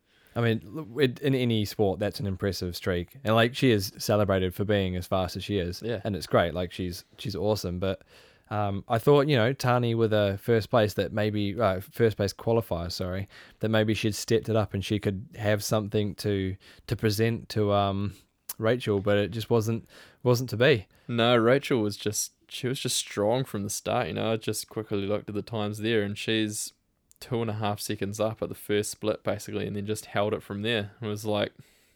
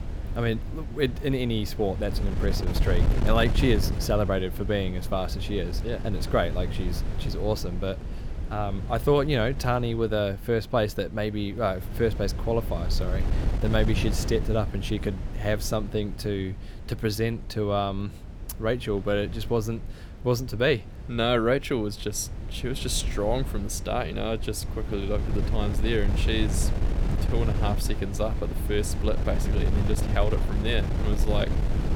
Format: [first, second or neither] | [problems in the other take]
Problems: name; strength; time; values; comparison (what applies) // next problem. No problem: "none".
first | wind noise on the microphone; occasional gusts; 10 dB below the speech